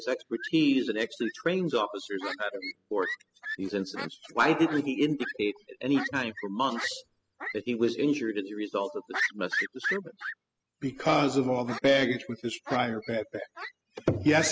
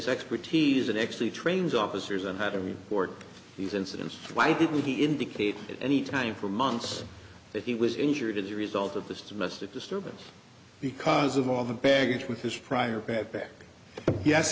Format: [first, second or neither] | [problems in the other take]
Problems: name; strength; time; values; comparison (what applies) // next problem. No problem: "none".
second | noise reduction (classical method spectral subtraction)